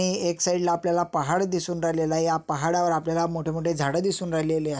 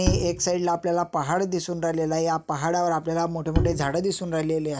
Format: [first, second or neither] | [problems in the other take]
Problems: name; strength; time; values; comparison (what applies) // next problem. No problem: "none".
first | background sound (Bowed string instrument); 4 dB below the speech